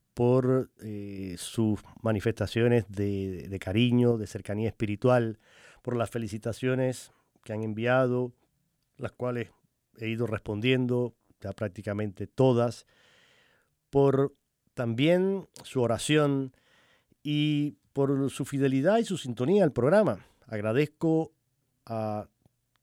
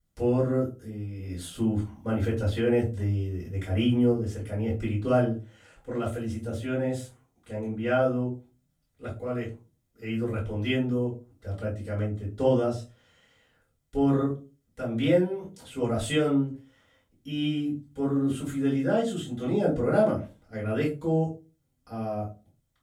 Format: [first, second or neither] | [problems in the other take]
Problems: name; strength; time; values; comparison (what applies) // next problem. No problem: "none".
first | off-mic speech; far // room echo; slight; dies away in 0.3 s